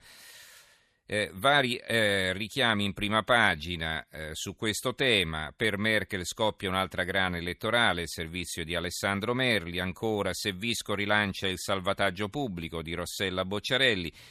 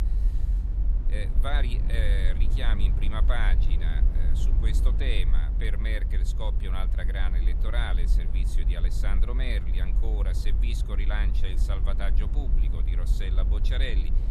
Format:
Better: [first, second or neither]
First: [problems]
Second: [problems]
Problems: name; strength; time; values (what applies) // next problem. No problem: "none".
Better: first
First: none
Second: low rumble; loud; throughout; 9 dB below the speech